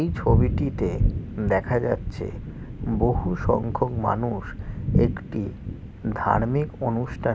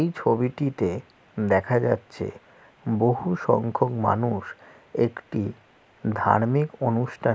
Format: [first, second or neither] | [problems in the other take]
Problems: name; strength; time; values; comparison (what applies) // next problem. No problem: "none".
second | background sound (Thunder); 1 dB below the speech